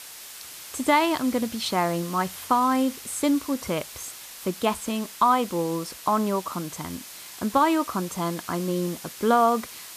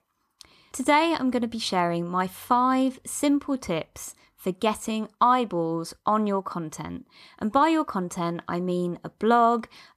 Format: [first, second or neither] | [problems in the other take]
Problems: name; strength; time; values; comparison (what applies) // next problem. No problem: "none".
second | hiss; noticeable; throughout; 15 dB below the speech